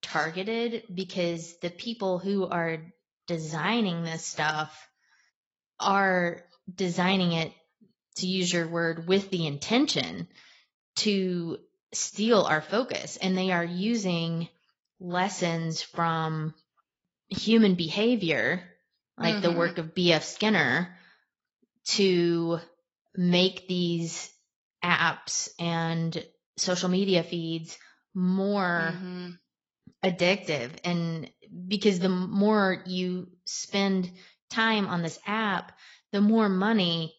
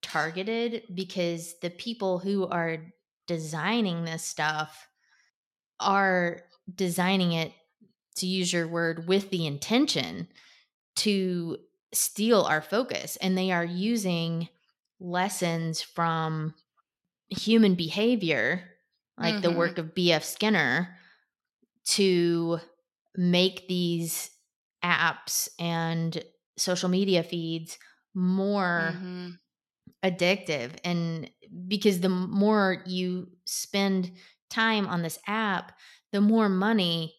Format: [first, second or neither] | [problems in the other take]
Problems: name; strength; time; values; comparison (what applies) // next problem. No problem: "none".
second | garbled, watery; badly; nothing above 7.5 kHz